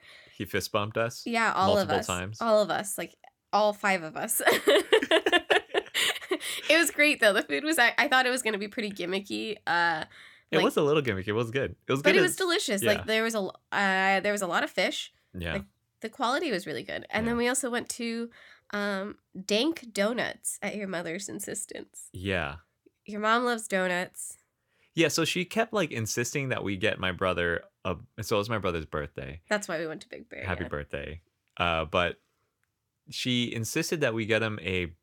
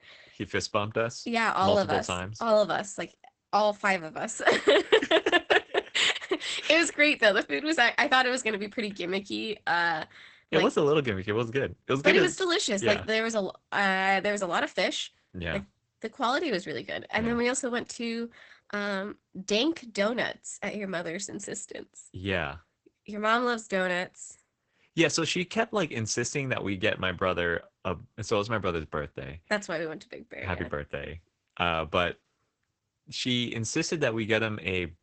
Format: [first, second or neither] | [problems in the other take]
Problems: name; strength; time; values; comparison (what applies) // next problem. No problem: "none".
first | garbled, watery; badly; nothing above 8 kHz